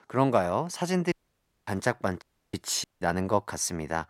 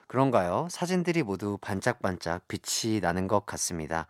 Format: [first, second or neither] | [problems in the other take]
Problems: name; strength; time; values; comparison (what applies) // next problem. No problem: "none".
second | audio cutting out; at 1 s for 0.5 s, at 2 s and at 3 s